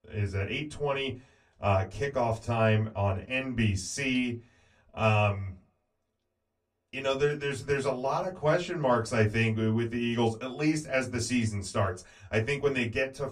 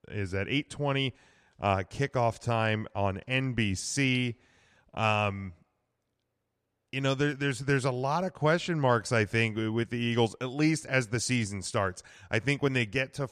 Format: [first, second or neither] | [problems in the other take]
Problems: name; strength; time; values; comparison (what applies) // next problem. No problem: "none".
second | off-mic speech; far // room echo; very slight; dies away in 0.2 s